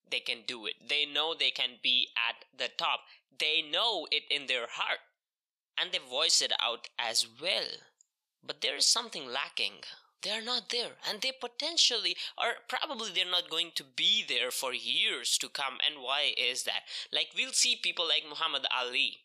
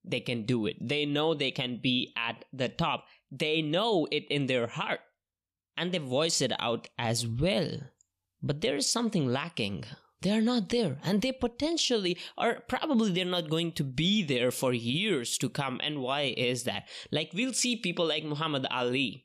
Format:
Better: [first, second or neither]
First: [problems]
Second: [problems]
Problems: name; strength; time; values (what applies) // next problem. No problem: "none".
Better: second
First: thin; very; fading below 800 Hz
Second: none